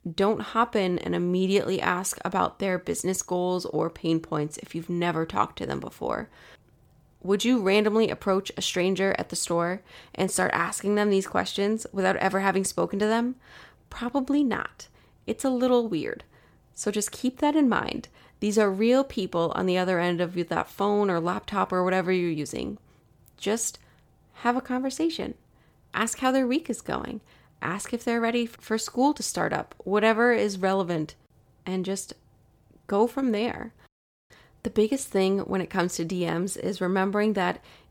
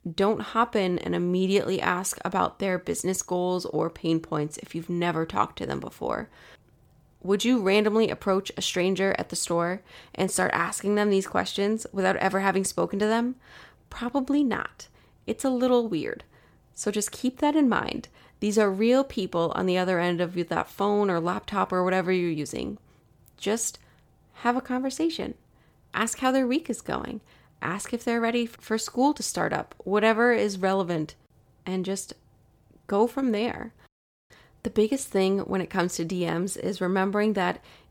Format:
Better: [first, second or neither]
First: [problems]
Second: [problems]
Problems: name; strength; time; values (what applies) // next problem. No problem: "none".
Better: neither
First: none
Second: none